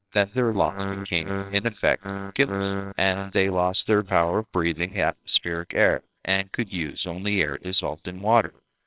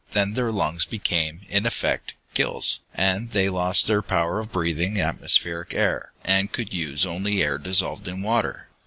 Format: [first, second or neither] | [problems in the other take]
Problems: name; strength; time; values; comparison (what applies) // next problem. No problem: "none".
second | noise reduction (neural separator model SepFormer WHAMR!)